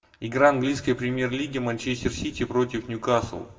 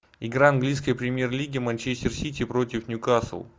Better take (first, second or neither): second